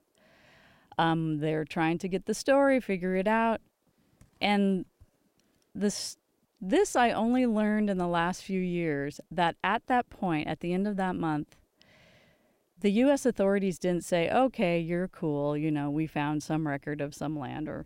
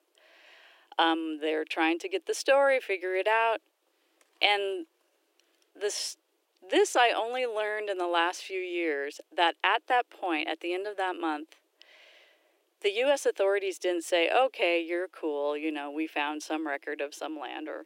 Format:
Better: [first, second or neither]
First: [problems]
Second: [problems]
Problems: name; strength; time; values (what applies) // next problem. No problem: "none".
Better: first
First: none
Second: thin; very; fading below 300 Hz